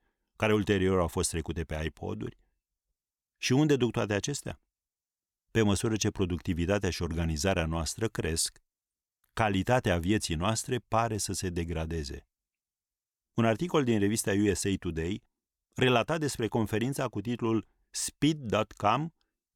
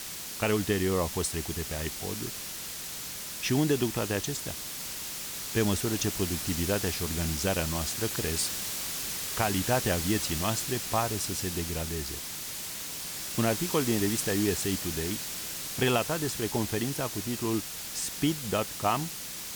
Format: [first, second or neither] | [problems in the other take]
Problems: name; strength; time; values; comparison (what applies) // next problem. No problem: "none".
first | hiss; loud; throughout; 3 dB below the speech